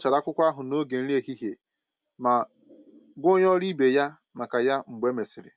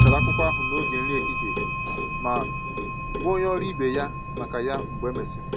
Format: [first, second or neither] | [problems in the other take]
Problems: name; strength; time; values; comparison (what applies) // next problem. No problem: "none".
first | background sound (Clock); 4 dB above the speech